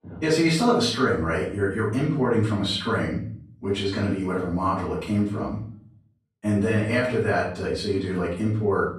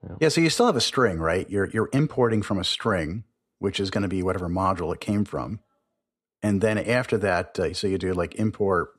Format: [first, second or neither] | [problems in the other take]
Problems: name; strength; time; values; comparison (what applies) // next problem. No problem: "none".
second | off-mic speech; far // room echo; noticeable; dies away in 0.5 s